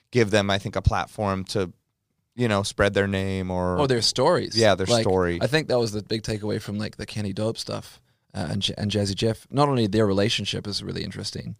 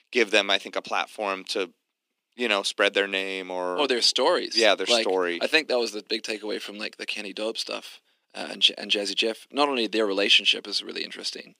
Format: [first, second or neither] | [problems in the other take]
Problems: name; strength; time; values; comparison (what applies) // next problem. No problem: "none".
first | thin; somewhat; fading below 250 Hz